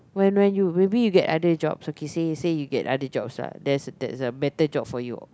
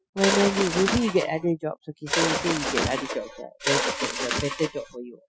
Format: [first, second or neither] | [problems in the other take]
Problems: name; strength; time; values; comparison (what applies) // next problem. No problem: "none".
first | noise reduction (classical method Wiener filter)